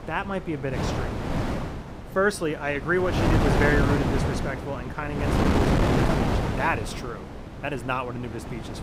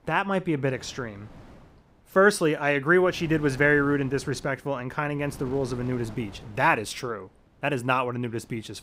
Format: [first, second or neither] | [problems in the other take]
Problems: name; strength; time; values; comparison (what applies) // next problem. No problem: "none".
second | wind noise on the microphone; heavy; as loud as the speech; occasional gusts in the second